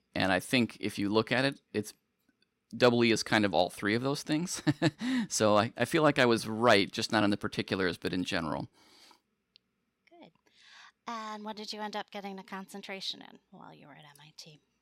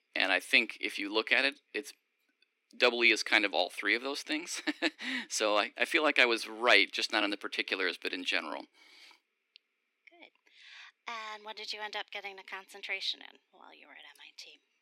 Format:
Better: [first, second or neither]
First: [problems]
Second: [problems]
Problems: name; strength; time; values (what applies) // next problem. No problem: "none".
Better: first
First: none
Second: thin; somewhat; fading below 300 Hz